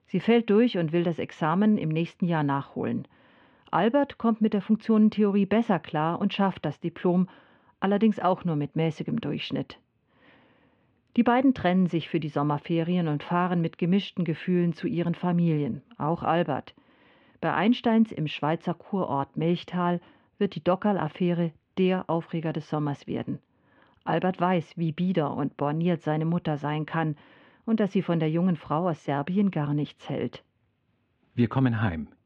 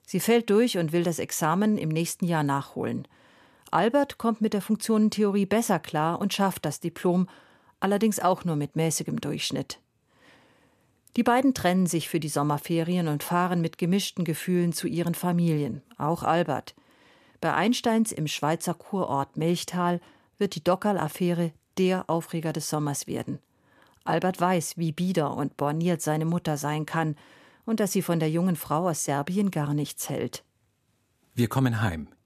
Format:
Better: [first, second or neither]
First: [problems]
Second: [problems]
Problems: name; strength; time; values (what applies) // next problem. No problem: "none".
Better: second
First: muffled; very; fading above 3 kHz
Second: none